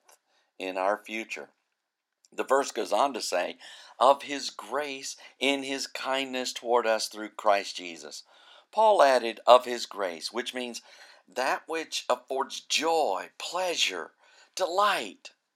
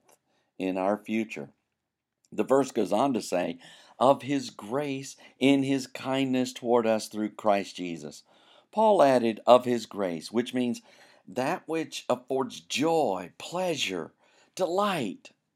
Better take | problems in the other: second | thin; somewhat; fading below 550 Hz

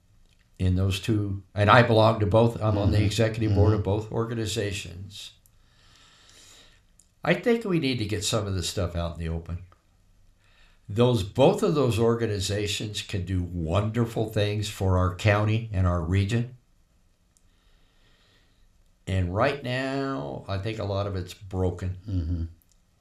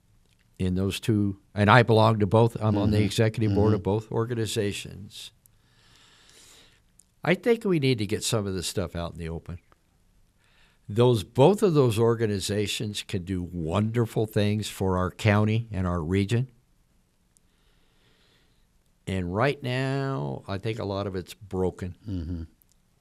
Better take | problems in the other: second | room echo; very slight; dies away in 0.4 s

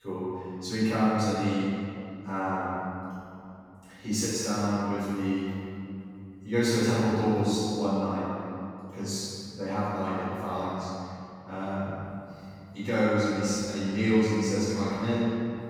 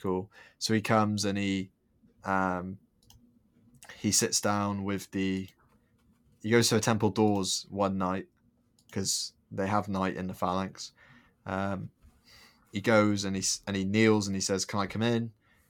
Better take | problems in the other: second | off-mic speech; far // room echo; strong; dies away in 2.5 s

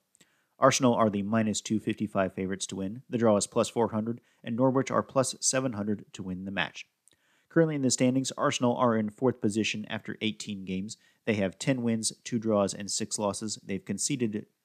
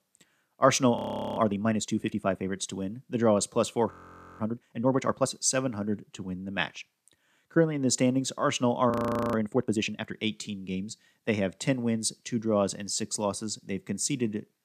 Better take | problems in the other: first | audio freezing; at 1 s, at 4 s and at 9 s

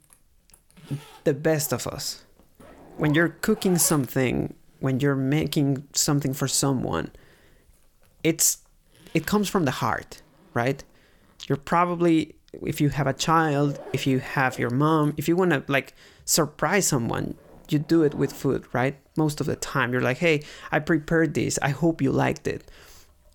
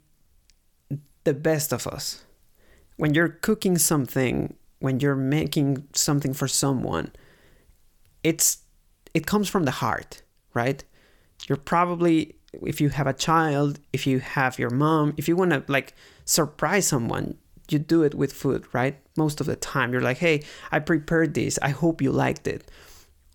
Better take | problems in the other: second | household noises; faint; throughout; 20 dB below the speech

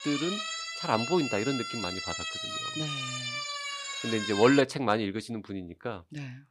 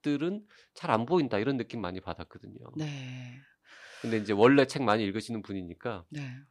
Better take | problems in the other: second | siren; noticeable; until 4.5 s; peak 3 dB below the speech

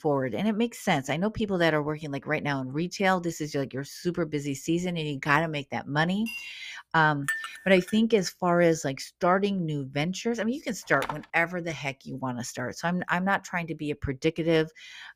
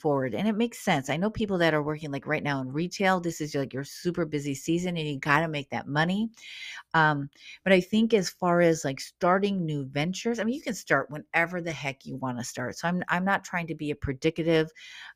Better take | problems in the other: second | clattering dishes; noticeable; at 6.5 s and at 7.5 s; peak 4 dB below the speech // phone ringing; noticeable; at 11 s; peak 8 dB below the speech

